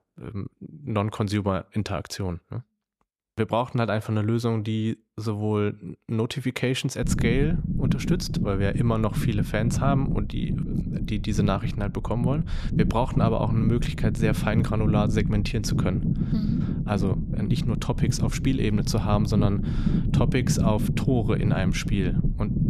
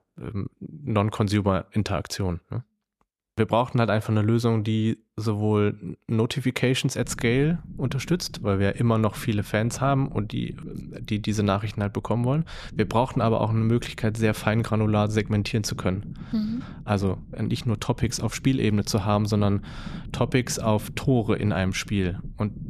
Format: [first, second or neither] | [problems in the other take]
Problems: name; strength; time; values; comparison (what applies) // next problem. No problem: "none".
second | low rumble; loud; from 7 s on; 6 dB below the speech; faint in the second